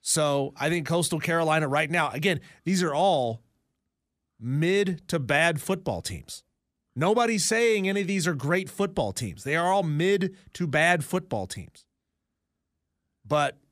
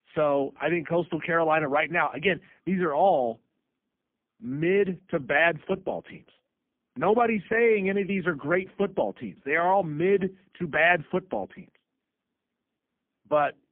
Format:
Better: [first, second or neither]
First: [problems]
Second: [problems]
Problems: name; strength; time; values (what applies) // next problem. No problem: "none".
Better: first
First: none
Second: phone-call audio; poor line